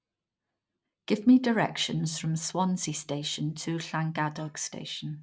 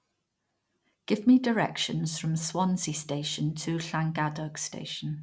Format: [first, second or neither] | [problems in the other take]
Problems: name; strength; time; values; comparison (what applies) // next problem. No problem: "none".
second | noise reduction (neural mask model DeepFilterNet 3)